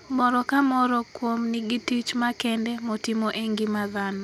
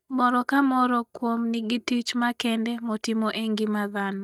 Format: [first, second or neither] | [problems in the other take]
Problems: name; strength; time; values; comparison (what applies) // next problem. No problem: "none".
first | noise reduction (neural mask model DeepFilterNet 3)